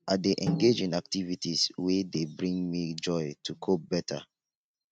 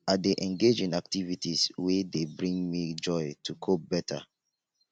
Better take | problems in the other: second | noise reduction (neural mask model RNNoise)

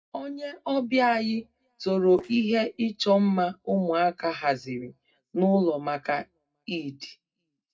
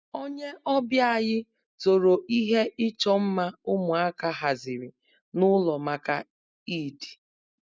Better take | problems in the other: second | noise reduction (neural separator model SepFormer DNS4)

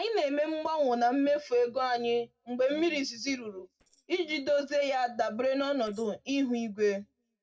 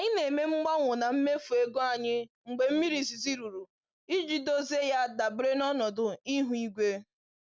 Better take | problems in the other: second | noise reduction (neural separator model SepFormer DNS4)

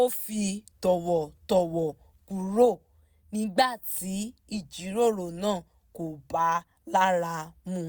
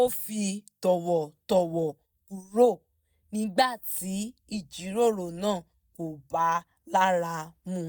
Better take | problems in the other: first | noise reduction (neural mask model DeepFilterNet 3)

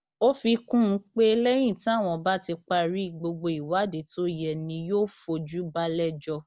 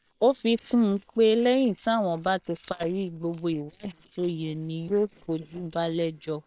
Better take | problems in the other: first | noise reduction (neural separator model SepFormer WHAM!)

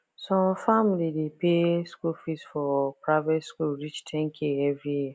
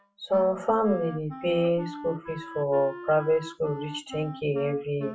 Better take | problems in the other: first | noise reduction (classical method WPE with log-MMSE)

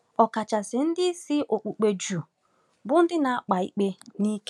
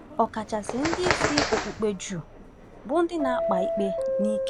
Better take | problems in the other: first | background sound (Subway, metro, underground + Bird); as loud as the speech

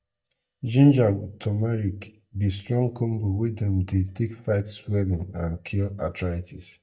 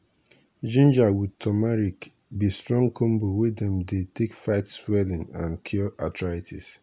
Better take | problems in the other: second | noise reduction (neural mask model DeepFilterNet 3)

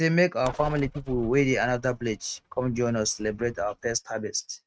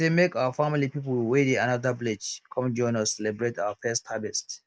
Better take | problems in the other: second | noise reduction (neural mask model RNNoise)

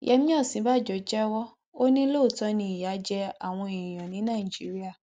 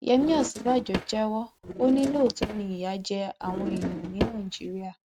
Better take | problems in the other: first | noise reduction (neural mask model RNNoise)

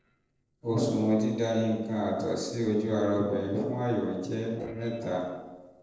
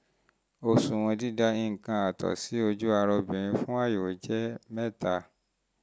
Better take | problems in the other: second | noise reduction (neural separator model SepFormer DNS4)

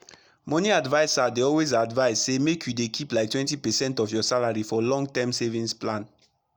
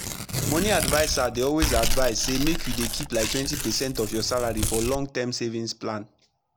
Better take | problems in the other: first | background sound (Tearing); 2 dB below the speech

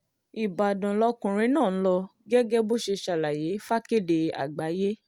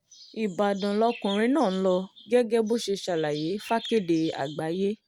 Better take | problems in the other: first | background sound (Chirp, tweet); 19 dB below the speech

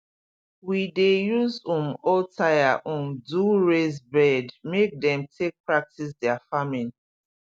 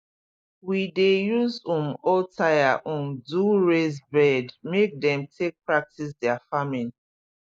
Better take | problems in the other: first | noise reduction (neural mask model Resemble Enhance denoiser)

